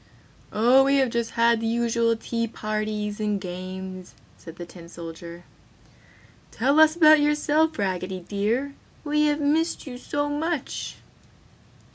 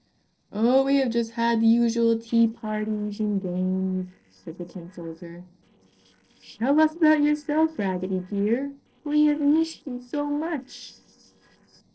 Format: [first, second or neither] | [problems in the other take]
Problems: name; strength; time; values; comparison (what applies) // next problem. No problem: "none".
first | noise reduction (neural separator model SepFormer DNS4)